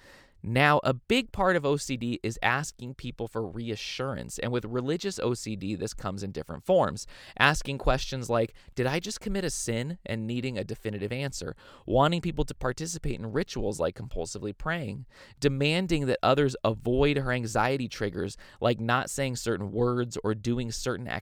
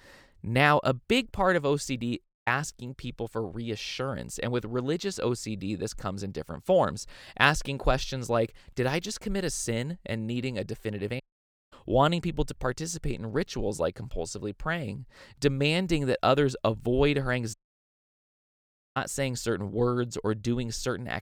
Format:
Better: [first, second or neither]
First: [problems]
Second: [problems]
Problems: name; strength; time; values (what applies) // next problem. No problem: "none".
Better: first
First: none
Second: audio cutting out; at 2 s, at 11 s for 0.5 s and at 18 s for 1.5 s